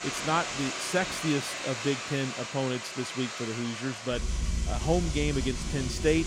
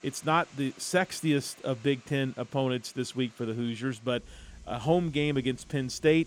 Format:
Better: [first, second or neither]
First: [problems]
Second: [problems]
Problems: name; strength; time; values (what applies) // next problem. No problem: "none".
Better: second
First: household noises; loud; throughout; 3 dB below the speech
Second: household noises; faint; throughout; 25 dB below the speech